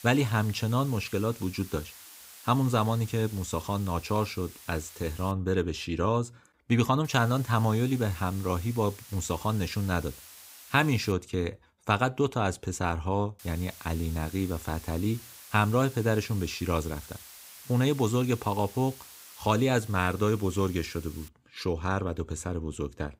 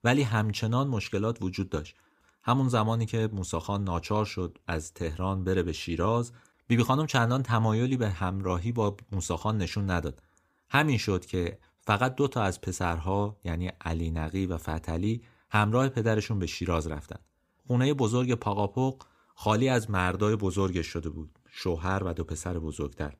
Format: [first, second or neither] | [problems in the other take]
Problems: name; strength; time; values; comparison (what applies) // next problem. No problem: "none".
second | hiss; noticeable; until 5.5 s, from 7 to 11 s and from 13 to 21 s; 15 dB below the speech